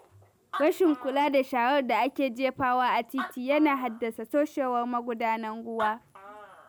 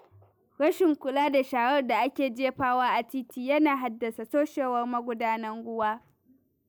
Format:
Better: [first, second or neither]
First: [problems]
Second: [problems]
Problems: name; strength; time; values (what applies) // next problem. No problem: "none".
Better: second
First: background sound (Animal); 16 dB below the speech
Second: none